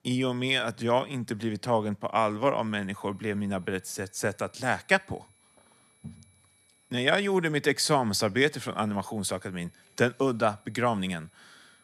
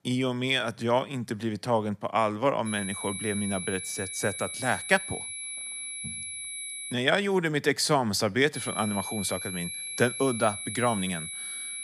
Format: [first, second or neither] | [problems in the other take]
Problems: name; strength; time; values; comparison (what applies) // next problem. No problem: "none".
first | high-pitched whine; loud; from 2.5 to 7 s and from 8.5 s on; 11 kHz, 6 dB below the speech; faint in the first